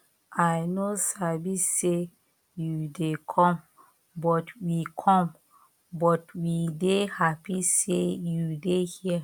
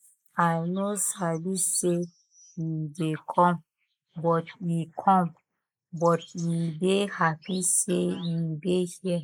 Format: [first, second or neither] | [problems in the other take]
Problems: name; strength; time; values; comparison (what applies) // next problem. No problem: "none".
first | noise reduction (neural mask model Resemble Enhance denoiser)